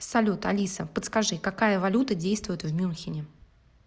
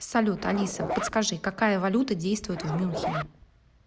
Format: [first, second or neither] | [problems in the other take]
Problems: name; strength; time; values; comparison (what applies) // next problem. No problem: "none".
first | background sound (Zipper (clothing)); 7 dB below the speech